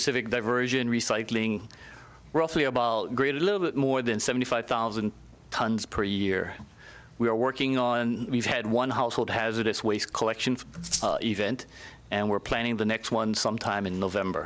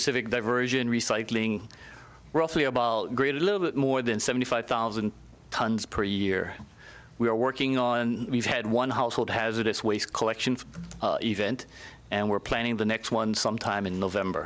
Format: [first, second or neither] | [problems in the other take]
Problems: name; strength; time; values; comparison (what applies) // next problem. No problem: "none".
second | background sound (Rattle (instrument)); 5 dB below the speech